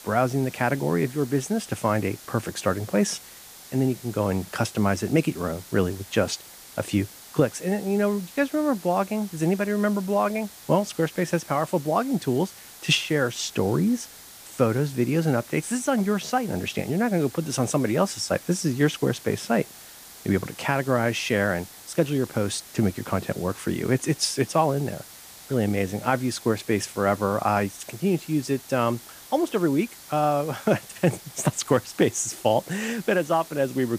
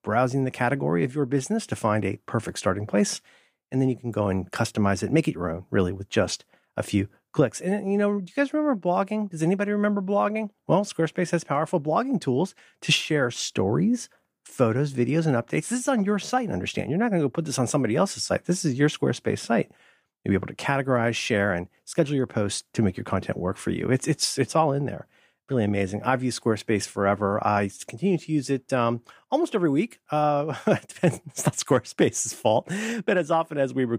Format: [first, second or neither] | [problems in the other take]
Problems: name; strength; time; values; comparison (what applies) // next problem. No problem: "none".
second | hiss; noticeable; throughout; 15 dB below the speech